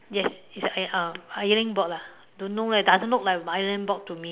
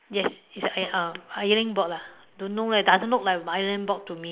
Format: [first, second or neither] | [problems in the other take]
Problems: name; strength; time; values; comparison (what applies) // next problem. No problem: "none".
first | noise reduction (neural mask model Resemble Enhance denoiser)